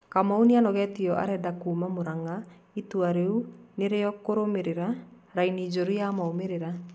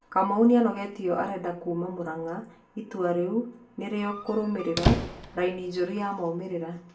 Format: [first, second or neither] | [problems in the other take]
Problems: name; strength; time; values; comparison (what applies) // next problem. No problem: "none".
first | background sound (Squeak); 3 dB below the speech // room echo; dies away in 0.3 s